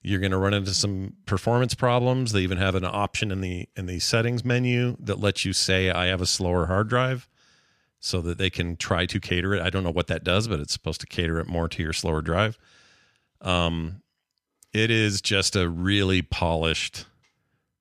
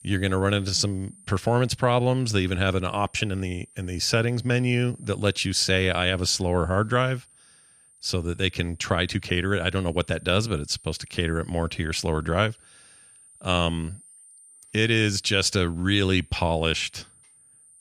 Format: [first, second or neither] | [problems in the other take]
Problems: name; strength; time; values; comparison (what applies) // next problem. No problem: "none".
first | high-pitched whine; faint; throughout; 9 kHz, 25 dB below the speech